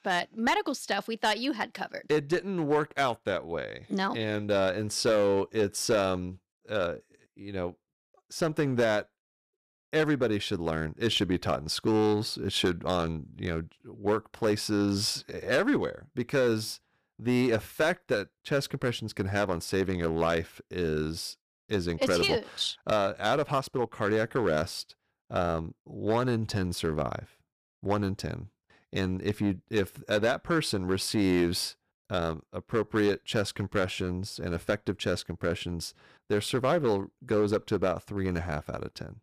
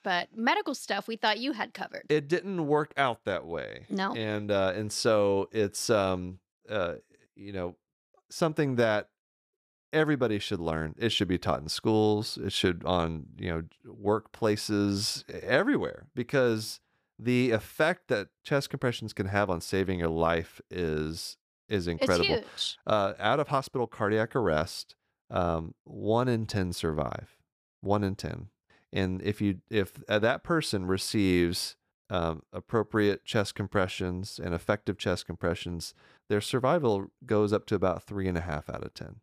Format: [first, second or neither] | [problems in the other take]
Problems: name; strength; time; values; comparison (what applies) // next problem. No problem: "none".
second | distortion; slight; 4% of the sound clipped